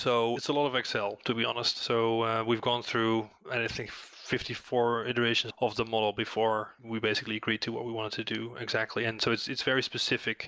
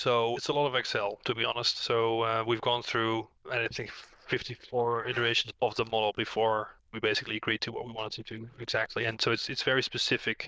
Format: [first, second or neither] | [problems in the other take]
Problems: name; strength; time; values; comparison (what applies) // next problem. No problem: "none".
first | noise reduction (neural diffusion model UNIVERSE++)